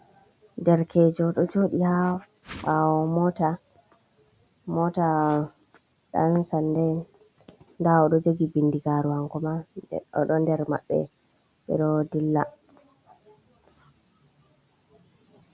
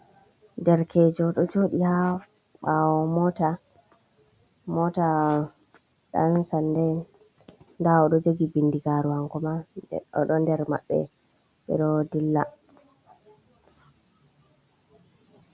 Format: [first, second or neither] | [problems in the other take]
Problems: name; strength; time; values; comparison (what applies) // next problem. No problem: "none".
second | background sound (Whoosh, swoosh, swish); 18 dB below the speech